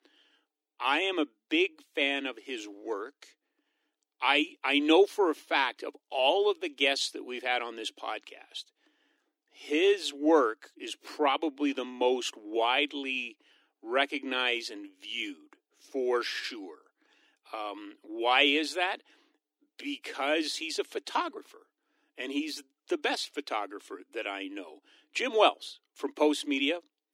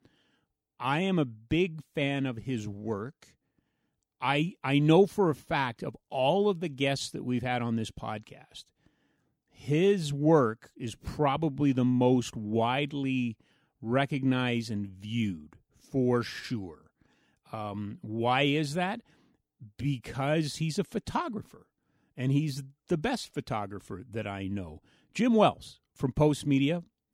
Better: second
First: thin; somewhat; fading below 300 Hz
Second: none

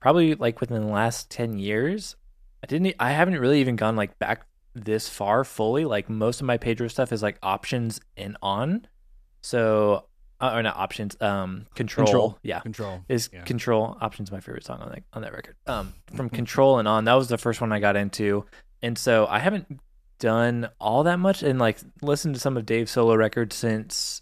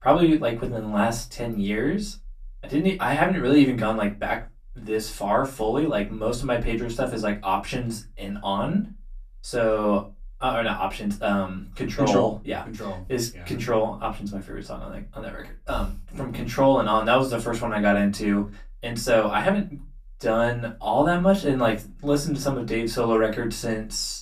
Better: first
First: none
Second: off-mic speech; far // room echo; very slight; dies away in 0.2 s

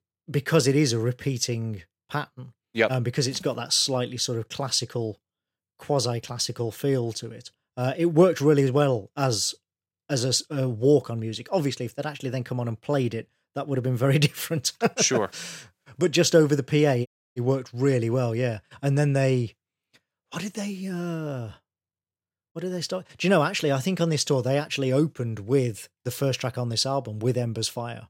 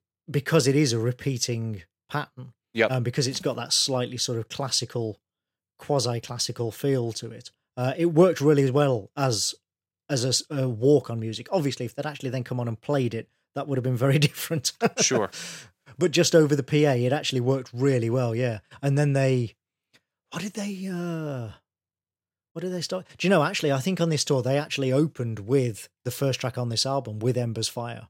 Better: second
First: audio cutting out; at 17 s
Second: none

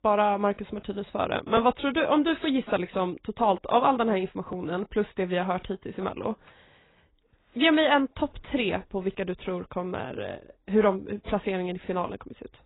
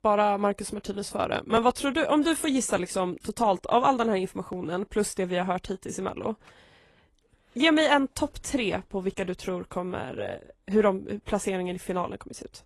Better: second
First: garbled, watery; badly; nothing above 4 kHz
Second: garbled, watery; slightly; nothing above 11.5 kHz

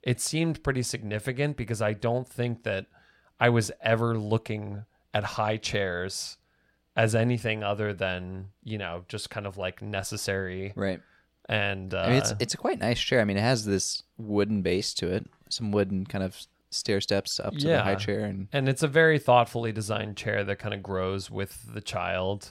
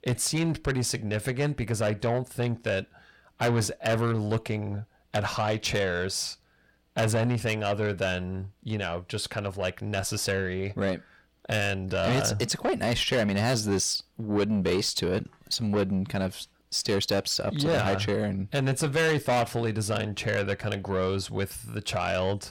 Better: first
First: none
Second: distortion; heavy; 7 dB below the speech

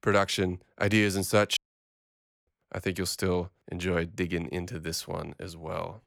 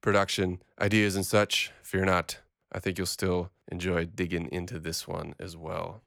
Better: second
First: audio cutting out; at 1.5 s for 1 s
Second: none

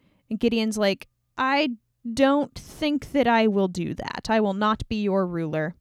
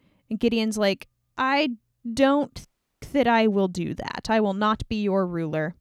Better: first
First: none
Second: audio cutting out; at 2.5 s

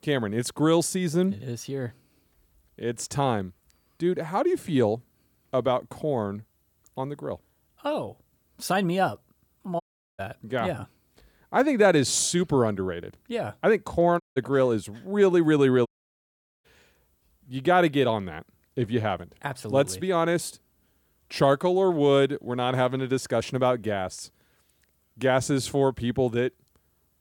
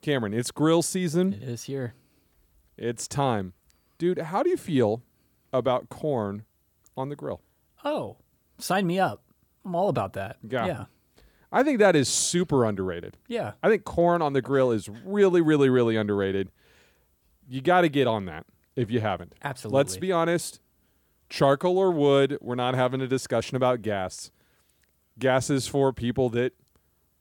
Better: second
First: audio cutting out; at 10 s, at 14 s and at 16 s for 1 s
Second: none

